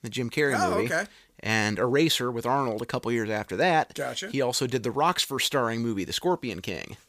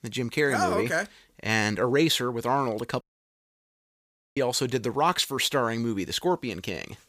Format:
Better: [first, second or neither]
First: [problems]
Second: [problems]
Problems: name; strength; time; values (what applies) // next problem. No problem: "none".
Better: first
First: none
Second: audio cutting out; at 3 s for 1.5 s